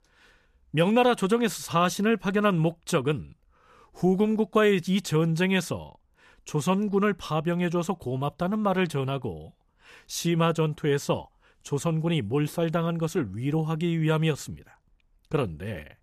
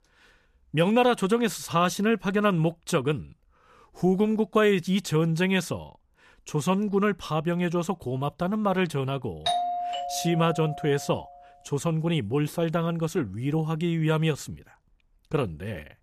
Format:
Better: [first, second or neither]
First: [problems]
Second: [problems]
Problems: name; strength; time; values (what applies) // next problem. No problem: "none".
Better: first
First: none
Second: doorbell; noticeable; from 9.5 to 11 s; peak 1 dB below the speech